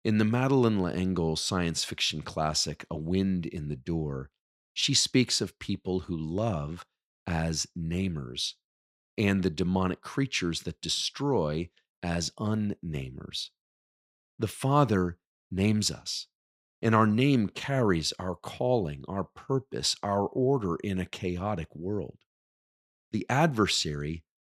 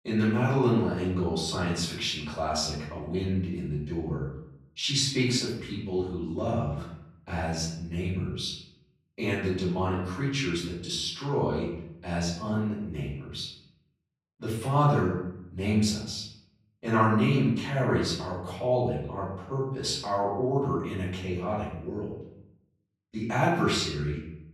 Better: first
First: none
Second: off-mic speech; far // room echo; noticeable; dies away in 0.7 s

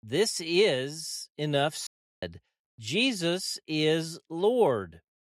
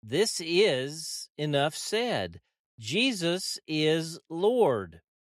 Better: second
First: audio cutting out; at 2 s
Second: none

